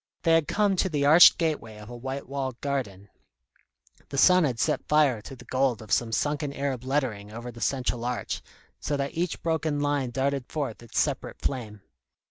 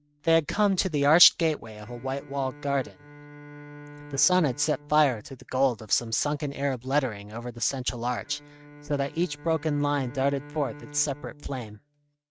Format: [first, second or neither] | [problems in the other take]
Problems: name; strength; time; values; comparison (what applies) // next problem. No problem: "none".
first | noise reduction (neural mask model RNNoise)